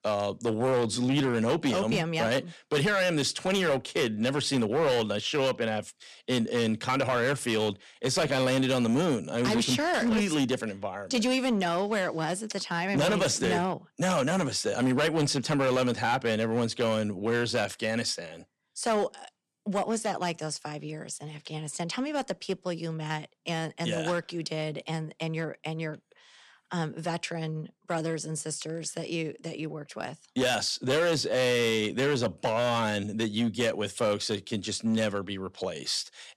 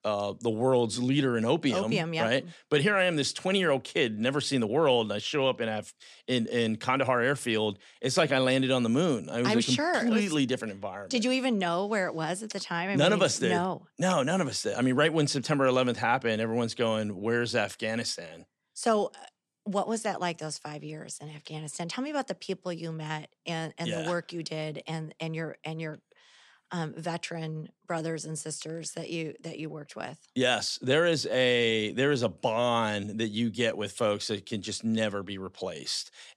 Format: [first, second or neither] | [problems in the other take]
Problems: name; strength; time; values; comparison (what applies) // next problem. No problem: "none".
second | distortion; slight; 8% of the sound clipped